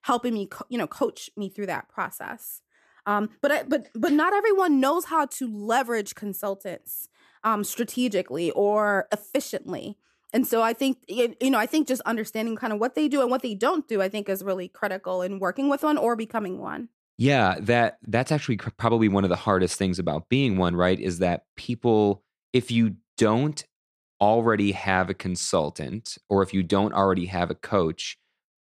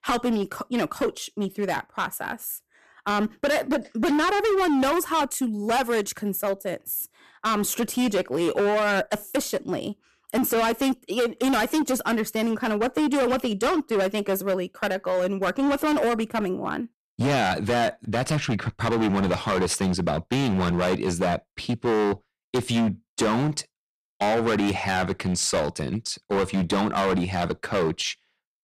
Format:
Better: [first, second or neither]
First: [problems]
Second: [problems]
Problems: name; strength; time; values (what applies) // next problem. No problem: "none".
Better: first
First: none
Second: distortion; heavy; 17% of the sound clipped